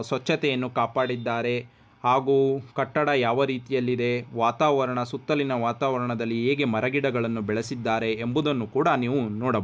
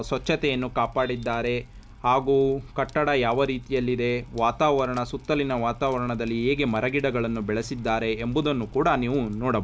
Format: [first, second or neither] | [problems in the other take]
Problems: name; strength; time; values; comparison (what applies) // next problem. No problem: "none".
first | background sound (Fire); 18 dB below the speech